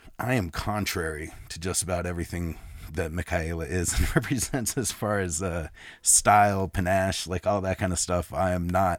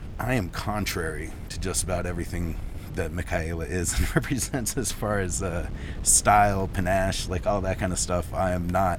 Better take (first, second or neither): first